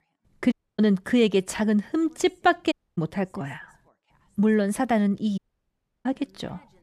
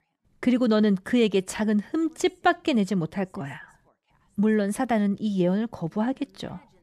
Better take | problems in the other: second | audio cutting out; at 0.5 s, at 2.5 s and at 5.5 s for 0.5 s

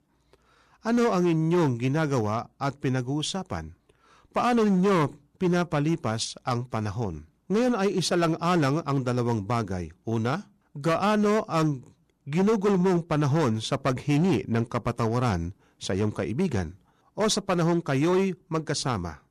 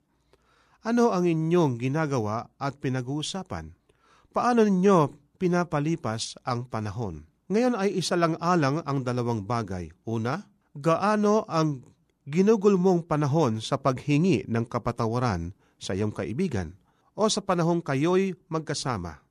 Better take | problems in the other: second | distortion; slight; 8% of the sound clipped

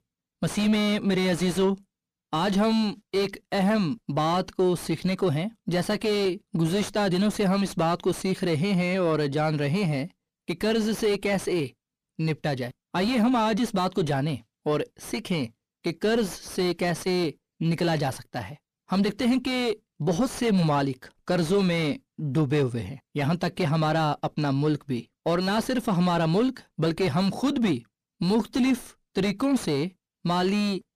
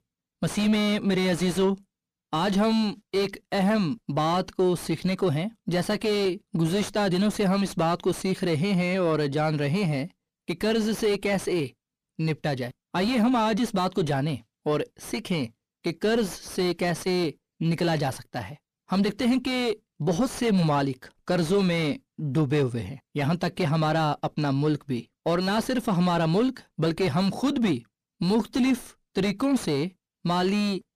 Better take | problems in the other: neither | distortion; heavy; 7 dB below the speech; the same in both

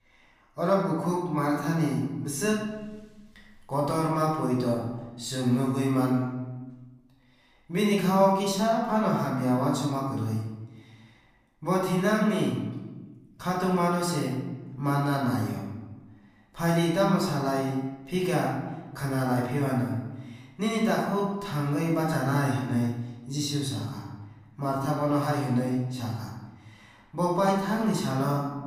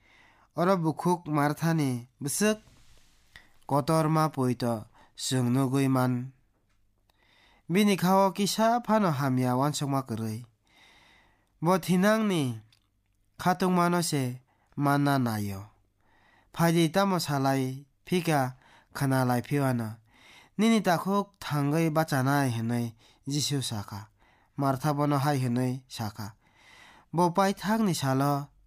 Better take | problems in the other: second | room echo; noticeable; dies away in 1 s // off-mic speech; far

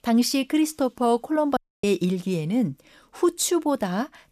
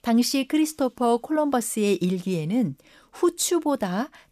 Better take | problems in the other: second | audio cutting out; at 1.5 s

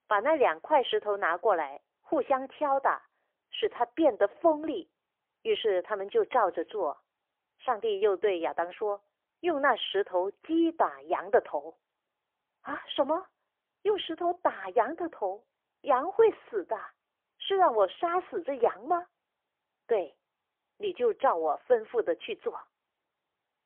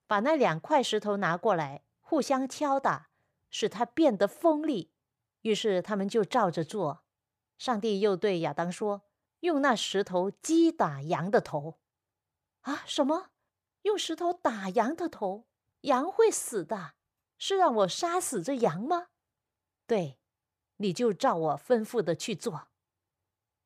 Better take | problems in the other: second | phone-call audio; poor line; nothing above 3.5 kHz

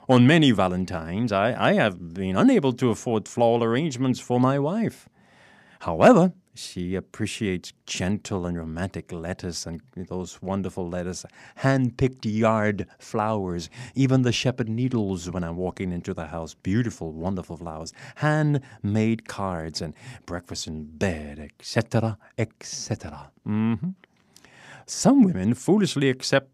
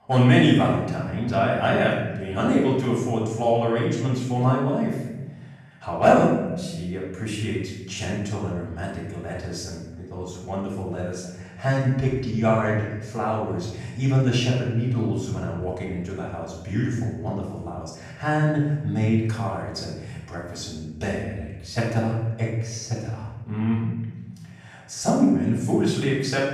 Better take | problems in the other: first | off-mic speech; far // room echo; noticeable; dies away in 1.1 s

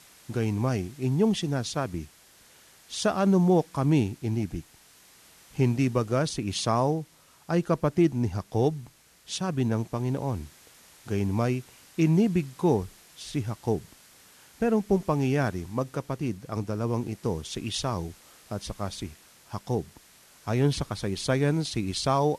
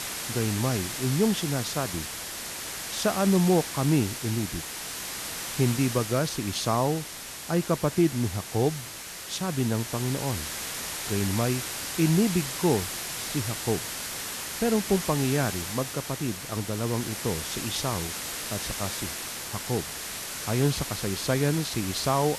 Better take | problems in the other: first | hiss; loud; throughout; 5 dB below the speech; faint in the first

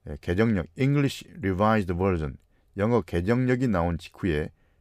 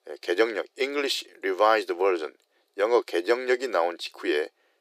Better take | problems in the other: first | thin; very; fading below 350 Hz

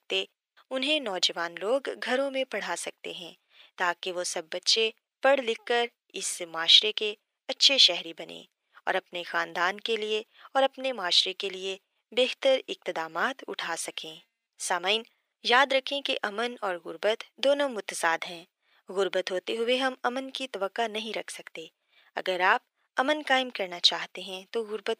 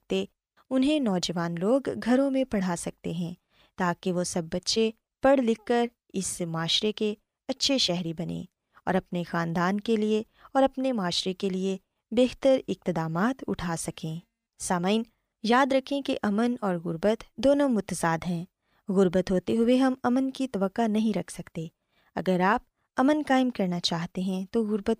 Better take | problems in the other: second | thin; somewhat; fading below 400 Hz

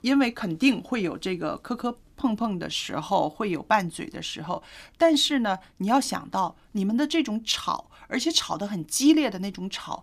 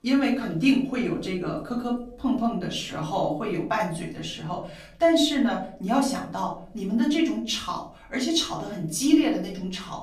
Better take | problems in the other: first | off-mic speech; far // room echo; slight; dies away in 0.5 s

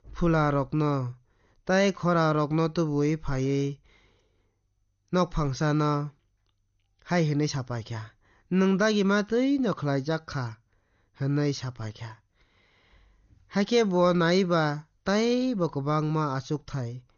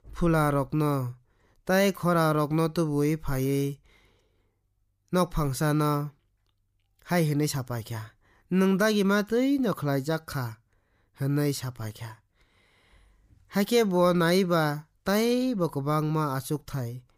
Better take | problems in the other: second | garbled, watery; slightly; nothing above 6.5 kHz

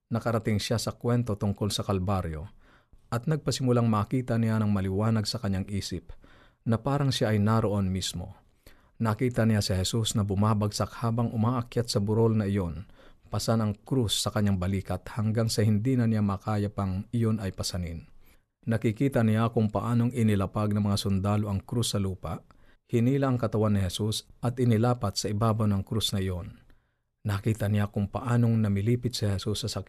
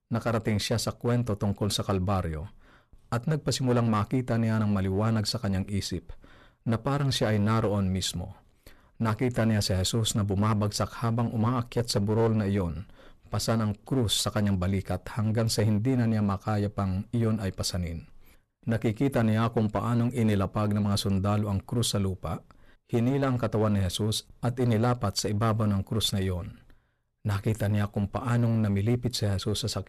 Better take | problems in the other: first | distortion; slight; 9% of the sound clipped

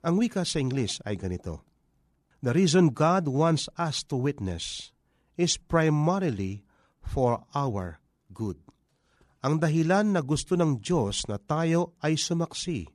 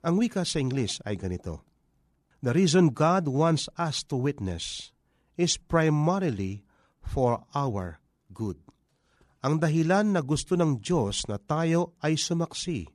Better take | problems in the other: neither | none

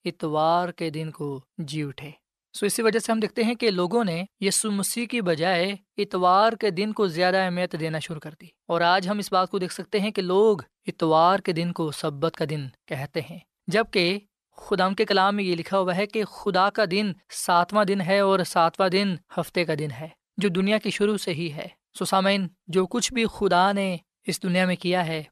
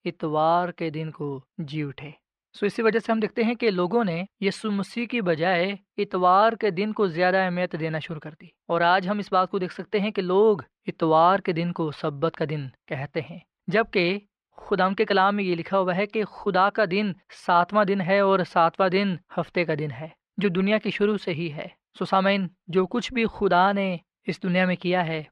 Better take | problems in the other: first | muffled; slightly; fading above 2.5 kHz

